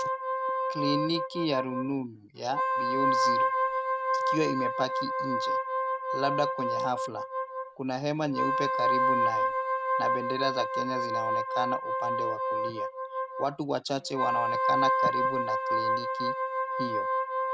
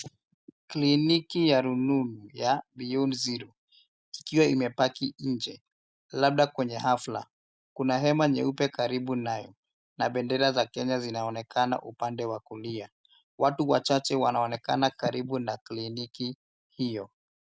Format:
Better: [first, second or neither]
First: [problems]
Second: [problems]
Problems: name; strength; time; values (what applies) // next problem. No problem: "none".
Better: second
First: background sound (Wind instrument, woodwind instrument); 5 dB above the speech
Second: none